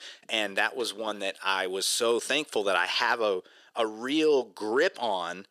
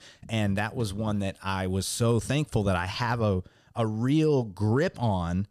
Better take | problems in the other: second | thin; very; fading below 350 Hz

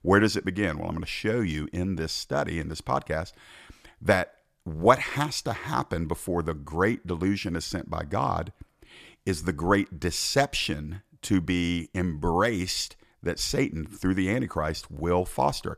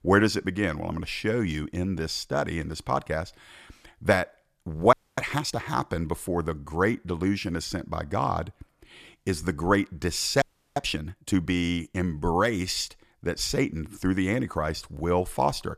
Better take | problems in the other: first | audio freezing; at 5 s and at 10 s

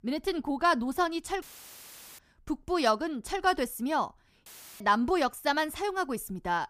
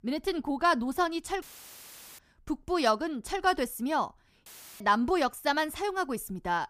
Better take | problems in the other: neither | audio cutting out; filled with static; at 1.5 s for 1 s and at 4.5 s; the same in both

